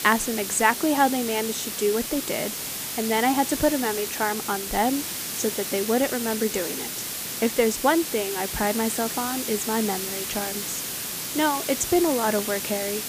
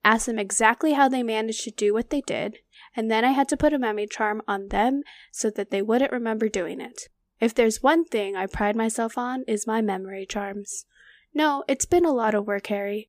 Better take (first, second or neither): second